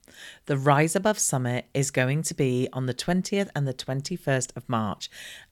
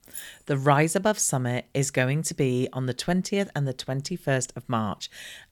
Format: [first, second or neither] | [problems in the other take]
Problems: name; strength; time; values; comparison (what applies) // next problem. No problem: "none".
first | jangling keys; faint; at the start; peak 15 dB below the speech